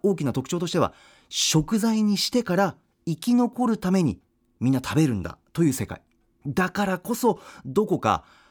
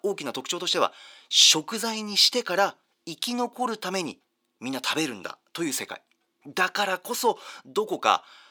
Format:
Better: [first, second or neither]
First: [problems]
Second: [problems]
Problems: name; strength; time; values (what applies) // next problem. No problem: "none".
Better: first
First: none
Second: thin; somewhat; fading below 500 Hz